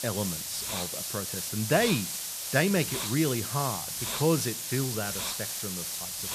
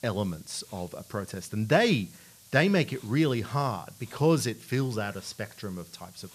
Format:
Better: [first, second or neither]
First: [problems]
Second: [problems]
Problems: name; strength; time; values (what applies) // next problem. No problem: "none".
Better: second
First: hiss; loud; throughout; 2 dB below the speech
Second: hiss; faint; throughout; 20 dB below the speech